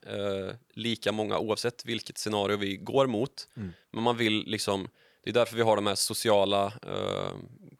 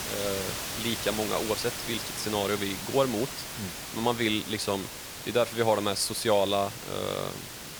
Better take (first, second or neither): first